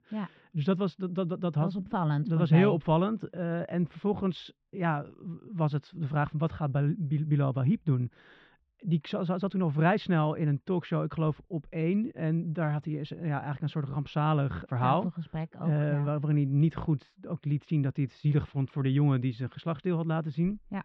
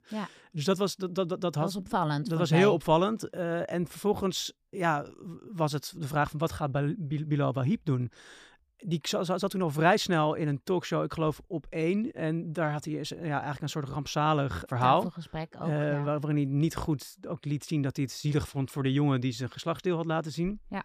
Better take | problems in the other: second | muffled; slightly; fading above 3.5 kHz

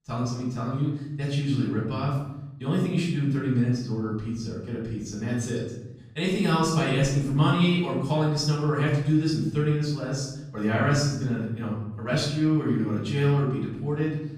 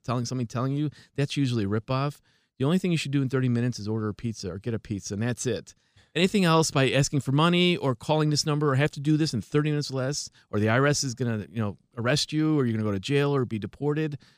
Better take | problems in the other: second | off-mic speech; far // room echo; noticeable; dies away in 1 s

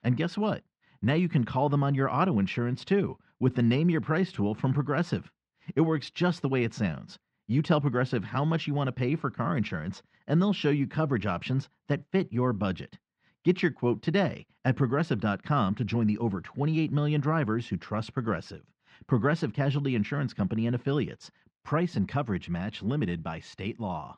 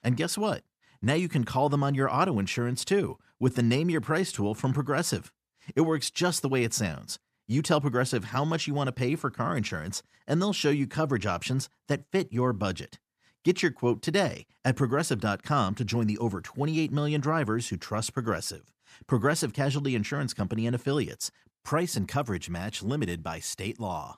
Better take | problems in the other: second | muffled; slightly; fading above 3.5 kHz

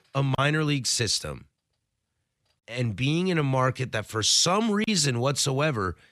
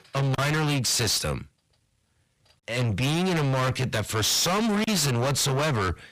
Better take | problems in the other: first | distortion; heavy; 5 dB below the speech

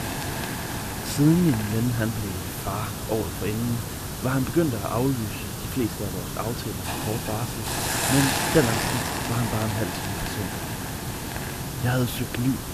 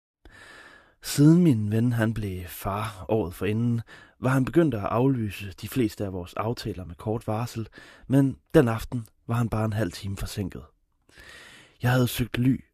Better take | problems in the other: second | hiss; loud; throughout; 2 dB below the speech

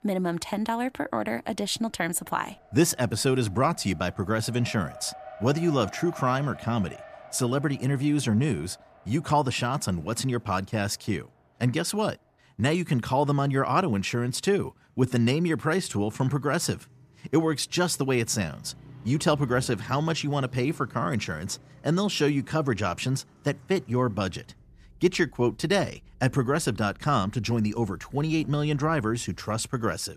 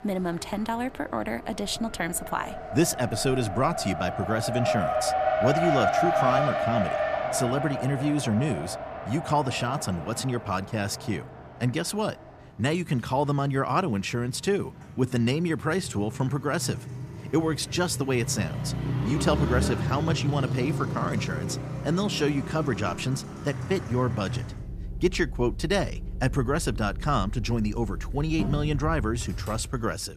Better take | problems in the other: first | traffic noise; loud; throughout; 3 dB below the speech; faint in the first

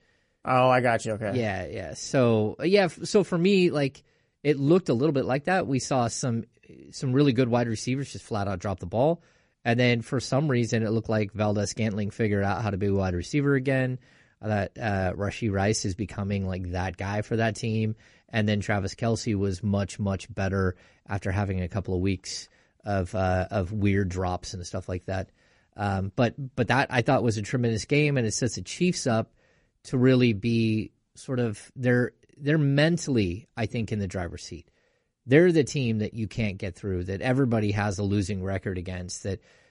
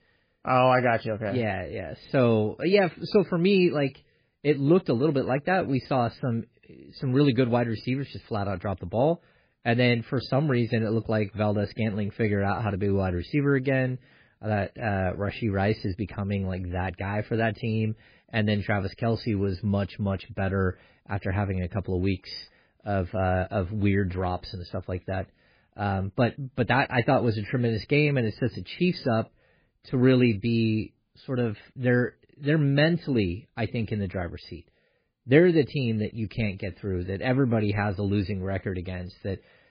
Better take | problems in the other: first | garbled, watery; badly; slightly in the first

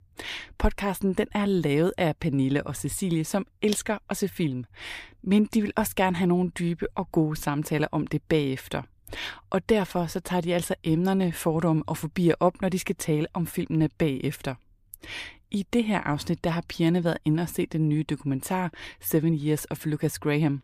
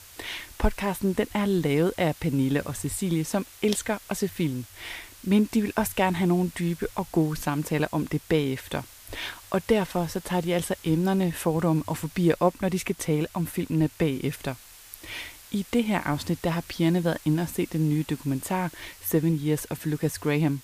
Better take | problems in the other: first | hiss; noticeable; throughout; 20 dB below the speech

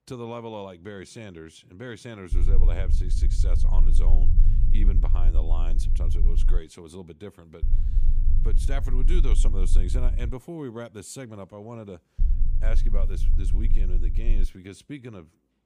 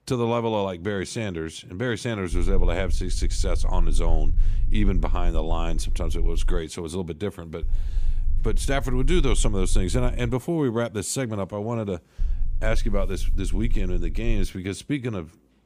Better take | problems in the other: second | low rumble; loud; from 2.5 to 6.5 s, from 7.5 to 10 s and from 12 to 14 s; 7 dB below the speech; faint in the second

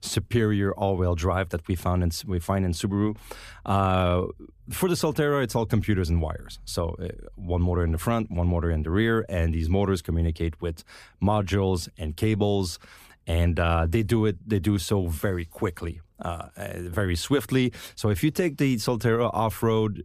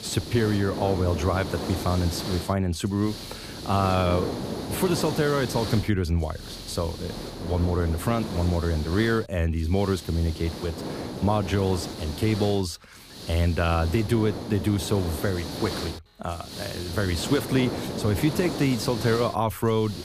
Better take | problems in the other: first | hiss; loud; throughout; 8 dB below the speech

